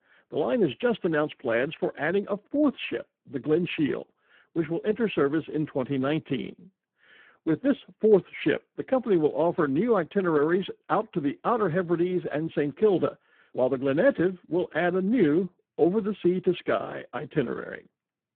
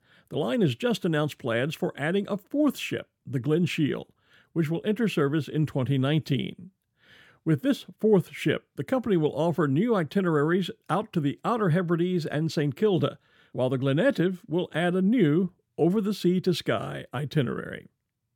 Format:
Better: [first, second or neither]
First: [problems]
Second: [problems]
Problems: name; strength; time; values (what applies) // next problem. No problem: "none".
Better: second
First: phone-call audio; poor line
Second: none